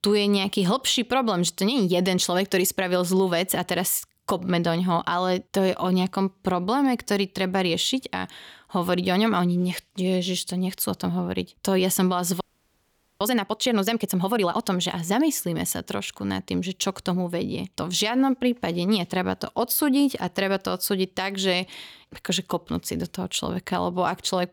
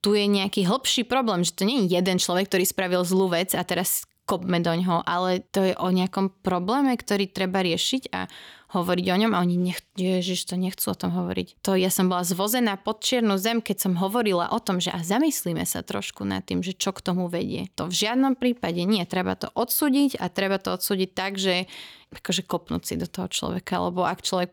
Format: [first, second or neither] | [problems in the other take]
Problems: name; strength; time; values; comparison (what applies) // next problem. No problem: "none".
second | audio freezing; at 12 s for 1 s